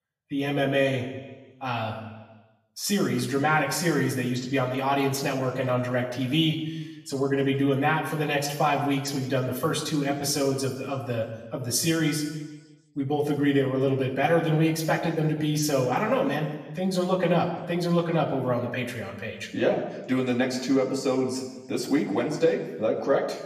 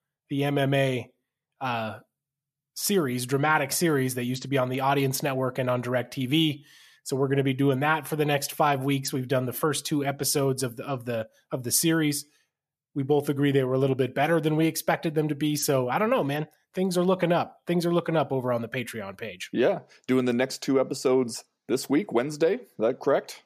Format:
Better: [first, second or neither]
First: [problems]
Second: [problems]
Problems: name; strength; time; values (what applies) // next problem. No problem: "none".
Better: second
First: room echo; slight; dies away in 1.1 s // off-mic speech; somewhat distant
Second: none